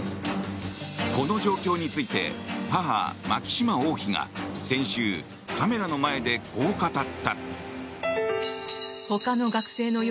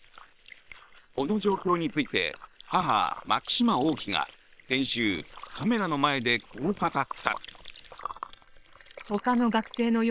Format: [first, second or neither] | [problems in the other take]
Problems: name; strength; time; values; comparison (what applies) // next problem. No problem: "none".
first | noise reduction (neural separator model SepFormer WHAM!)